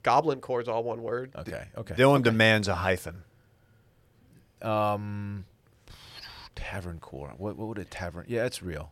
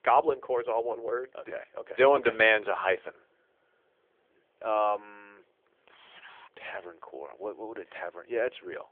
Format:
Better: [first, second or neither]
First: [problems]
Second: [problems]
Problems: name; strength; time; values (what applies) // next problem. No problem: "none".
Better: first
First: none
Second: phone-call audio; nothing above 3.5 kHz